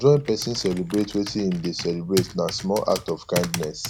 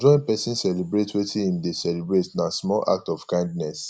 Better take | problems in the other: second | background sound (Computer keyboard); 12 dB below the speech

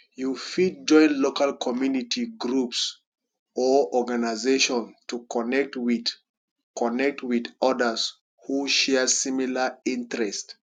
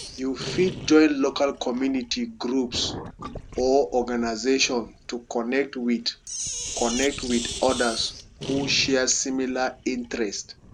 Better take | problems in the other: first | background sound (Sink (filling or washing)); 12 dB below the speech

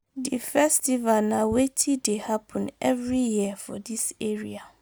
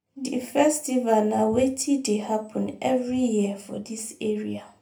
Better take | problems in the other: first | room echo; dies away in 0.3 s

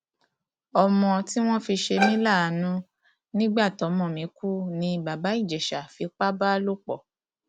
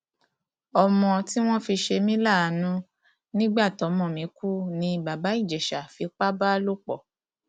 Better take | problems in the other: second | background sound (Bowed string instrument); 4 dB below the speech

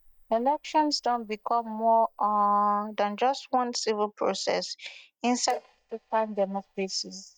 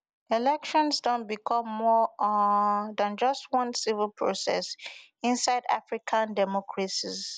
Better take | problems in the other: second | noise reduction (neural mask model DeepFilterNet 3)

